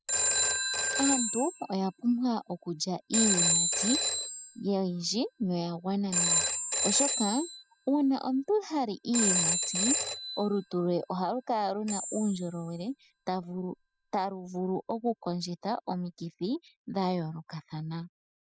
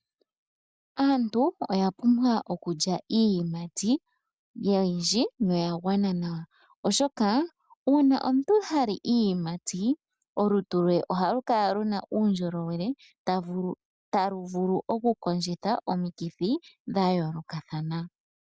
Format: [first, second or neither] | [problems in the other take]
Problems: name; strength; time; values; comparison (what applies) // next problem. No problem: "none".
second | noise reduction (classical method spectral subtraction)